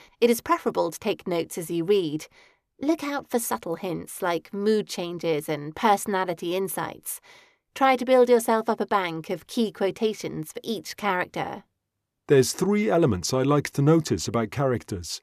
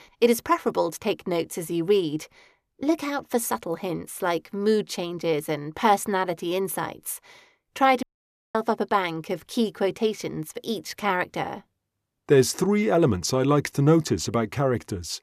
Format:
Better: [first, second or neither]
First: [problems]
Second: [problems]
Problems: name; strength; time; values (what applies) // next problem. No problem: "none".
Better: first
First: none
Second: audio cutting out; at 8 s for 0.5 s